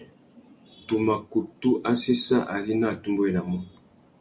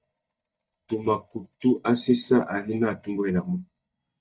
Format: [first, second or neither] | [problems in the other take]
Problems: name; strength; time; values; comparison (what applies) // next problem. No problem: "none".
first | noise reduction (neural mask model DeepFilterNet 3)